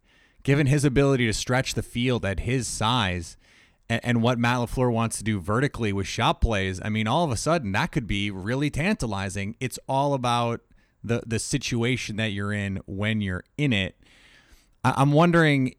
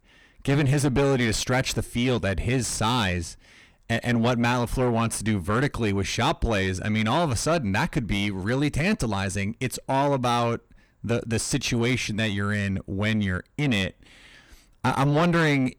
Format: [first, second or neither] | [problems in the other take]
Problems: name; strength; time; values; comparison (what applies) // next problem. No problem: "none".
first | distortion; heavy; 7 dB below the speech